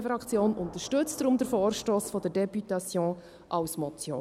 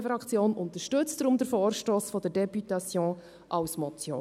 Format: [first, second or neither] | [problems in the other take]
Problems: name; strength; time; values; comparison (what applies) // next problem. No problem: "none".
second | background sound (Thunder / Rain); 20 dB below the speech